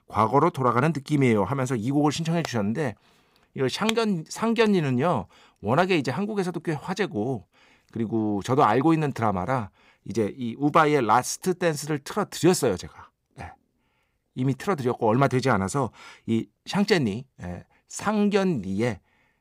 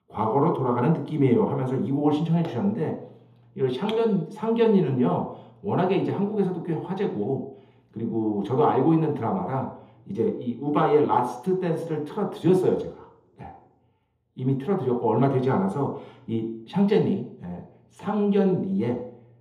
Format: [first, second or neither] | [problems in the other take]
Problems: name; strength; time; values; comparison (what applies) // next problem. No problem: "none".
first | room echo; noticeable; dies away in 0.7 s // off-mic speech; far